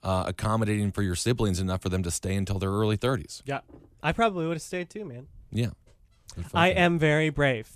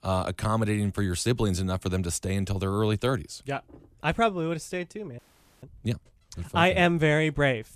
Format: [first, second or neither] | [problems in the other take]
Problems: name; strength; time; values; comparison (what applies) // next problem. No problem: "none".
first | audio freezing; at 5 s